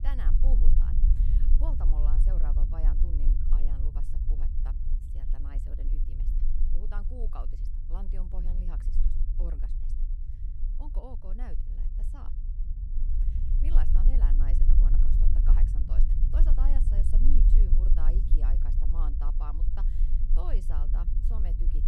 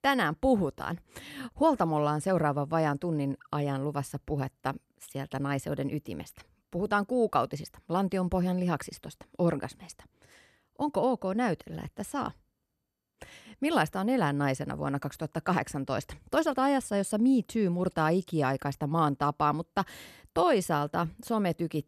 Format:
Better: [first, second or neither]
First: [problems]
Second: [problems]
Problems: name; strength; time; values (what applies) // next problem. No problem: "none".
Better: second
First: low rumble; loud; throughout; 2 dB below the speech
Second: none